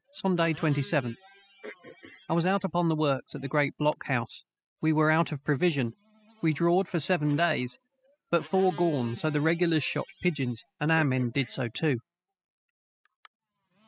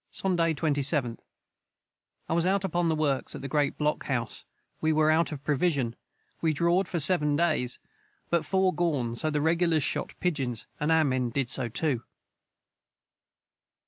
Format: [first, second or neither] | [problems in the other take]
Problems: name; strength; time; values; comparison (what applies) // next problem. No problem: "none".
second | noise reduction (classical method spectral subtraction)